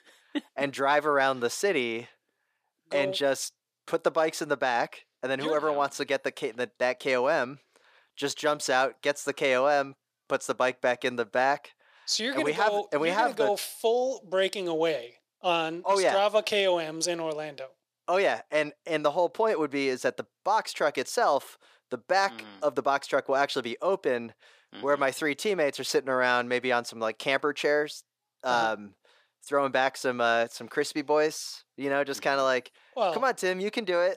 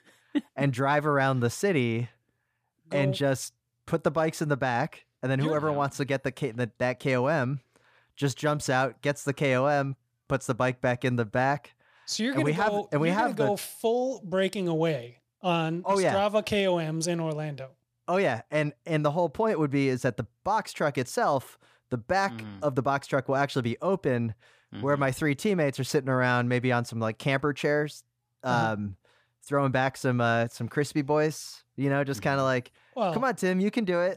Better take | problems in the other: second | thin; somewhat; fading below 450 Hz

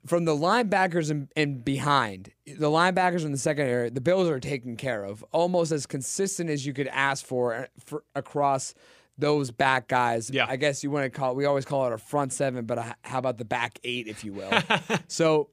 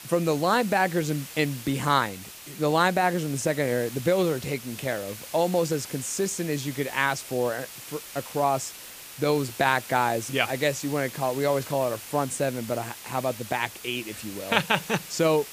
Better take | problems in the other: first | hiss; noticeable; throughout; 15 dB below the speech

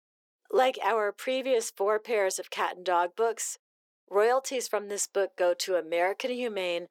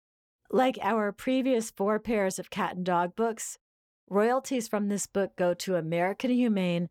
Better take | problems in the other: second | thin; very; fading below 400 Hz

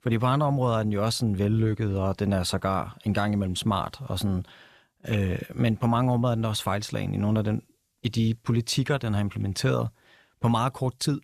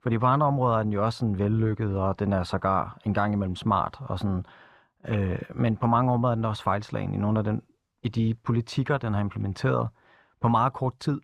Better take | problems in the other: first | muffled; slightly; fading above 1.5 kHz

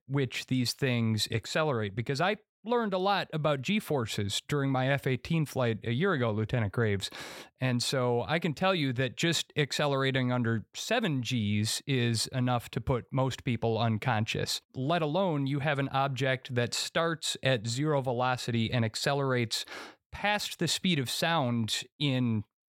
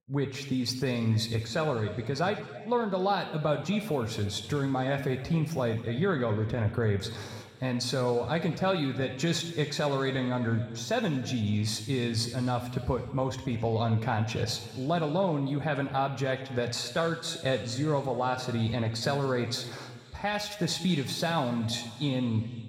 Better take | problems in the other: first | room echo; slight; dies away in 1.5 s

